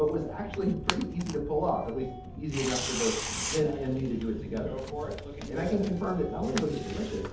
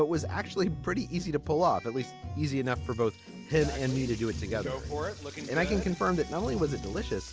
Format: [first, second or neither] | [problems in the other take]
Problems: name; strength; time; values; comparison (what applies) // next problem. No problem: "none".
second | background sound (Tearing); 7 dB below the speech // room echo; dies away in 0.6 s